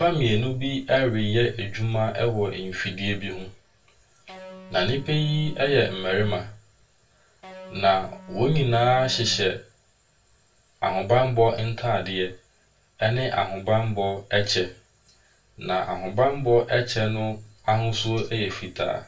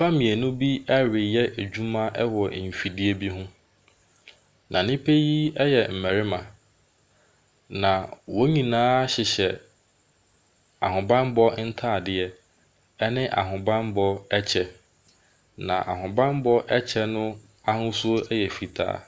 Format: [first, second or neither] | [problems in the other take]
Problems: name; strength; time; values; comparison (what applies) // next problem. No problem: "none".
second | background sound (Electric guitar); 18 dB below the speech // room echo; dies away in 0.2 s